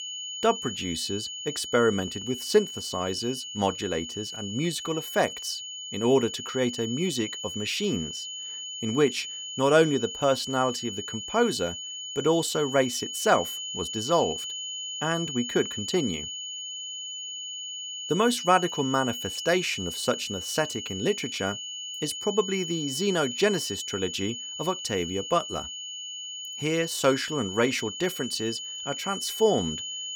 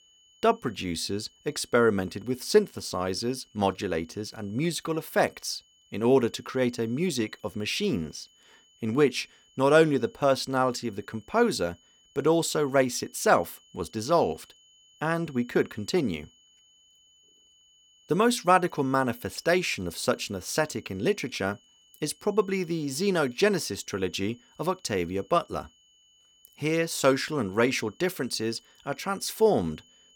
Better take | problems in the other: second | high-pitched whine; loud; throughout; 3 kHz, 6 dB below the speech; faint in the second

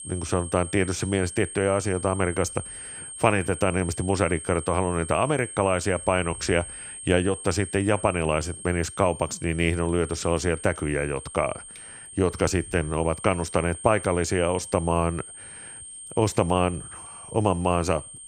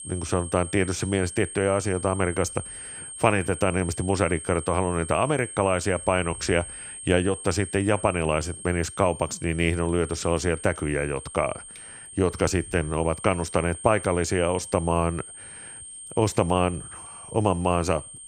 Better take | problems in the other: neither | high-pitched whine; noticeable; throughout; 8.5 kHz, 10 dB below the speech; the same in both

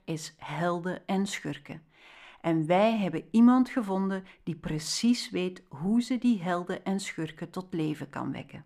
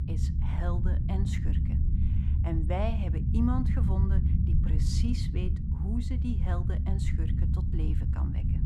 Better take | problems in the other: first | low rumble; loud; throughout; 3 dB below the speech

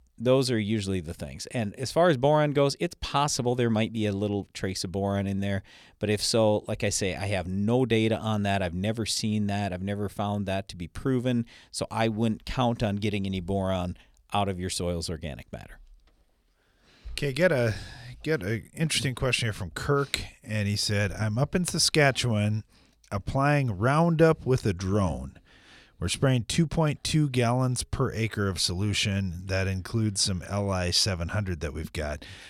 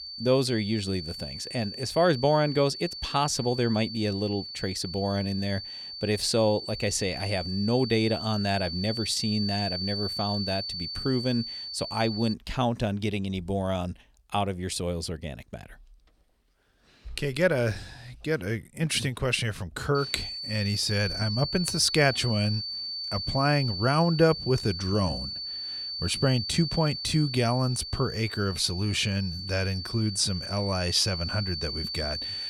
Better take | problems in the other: first | high-pitched whine; loud; until 12 s and from 20 s on; 4.5 kHz, 6 dB below the speech

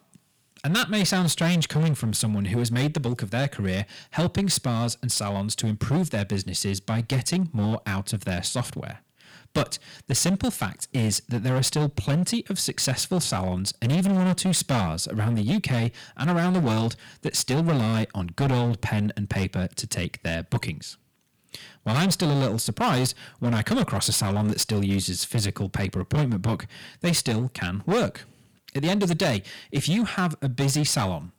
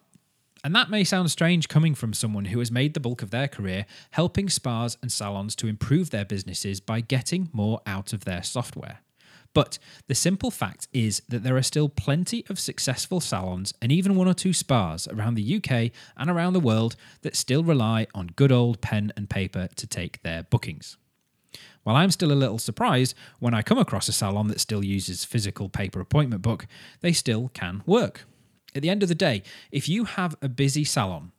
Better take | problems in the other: second | distortion; heavy; 14% of the sound clipped

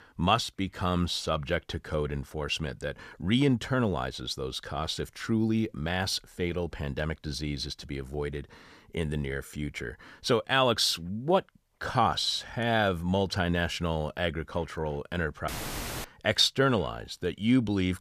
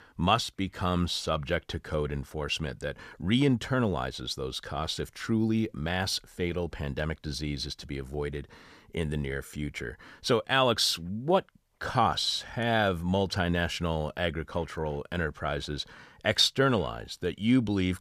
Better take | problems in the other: second | audio cutting out; filled with static; at 15 s for 0.5 s

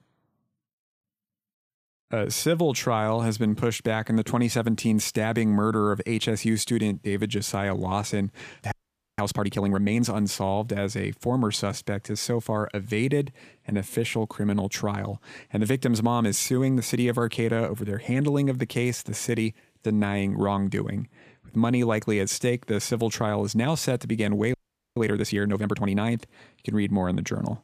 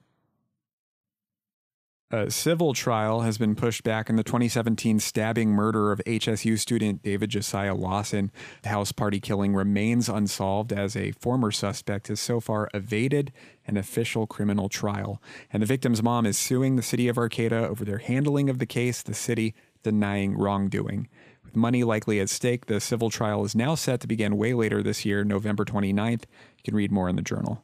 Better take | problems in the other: second | audio freezing; at 8.5 s and at 25 s

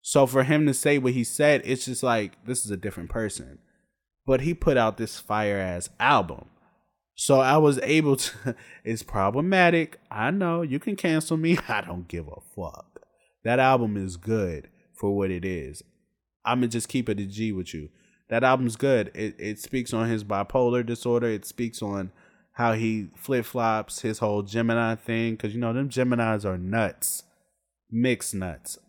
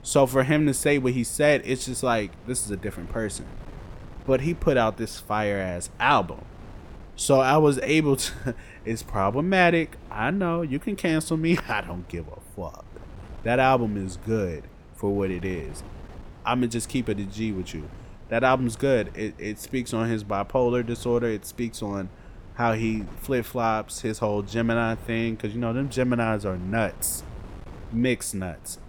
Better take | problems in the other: first | wind noise on the microphone; occasional gusts; 25 dB below the speech

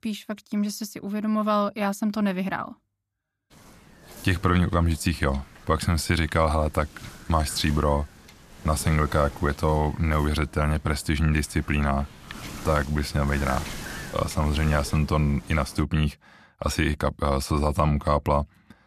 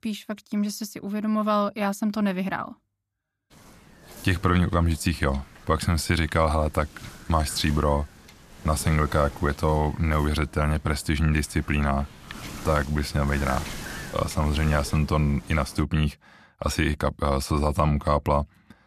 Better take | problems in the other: neither | wind noise on the microphone; occasional gusts; from 3.5 to 16 s; 15 dB below the speech; the same in both

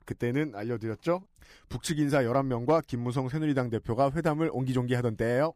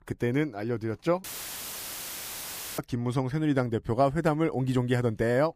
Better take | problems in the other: first | audio cutting out; filled with static; at 1 s for 1.5 s

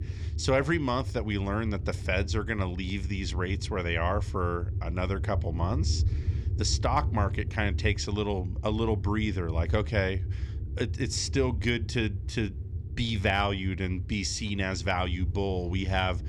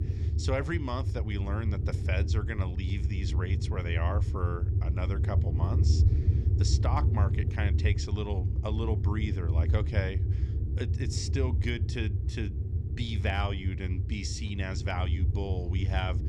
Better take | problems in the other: first | wind noise on the microphone; heavy; 7 dB below the speech; occasional gusts in the first

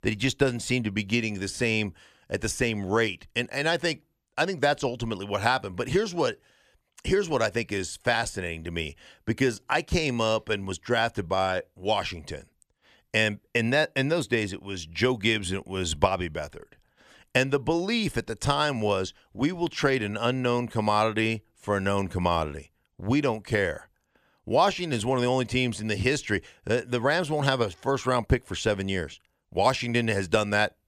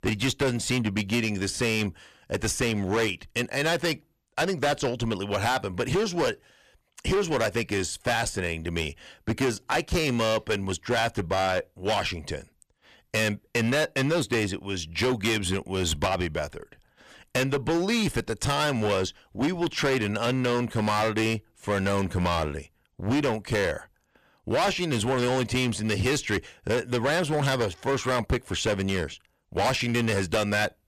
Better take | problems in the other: first | distortion; heavy; 14% of the sound clipped

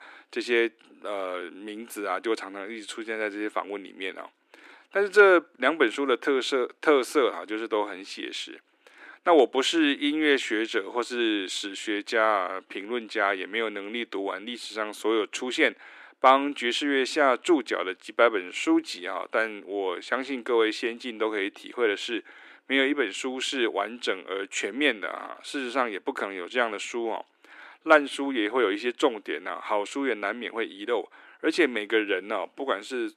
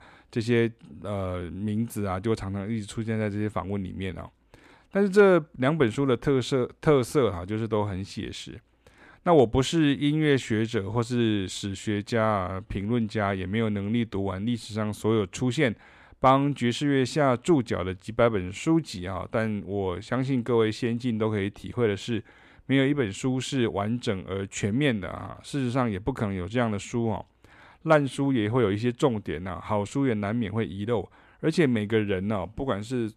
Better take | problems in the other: second | thin; somewhat; fading below 300 Hz

